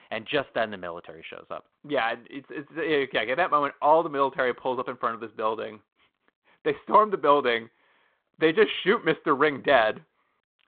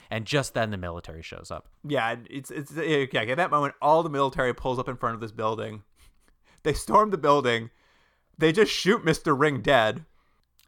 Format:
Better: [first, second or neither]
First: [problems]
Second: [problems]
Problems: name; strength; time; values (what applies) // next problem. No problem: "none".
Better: second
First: phone-call audio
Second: none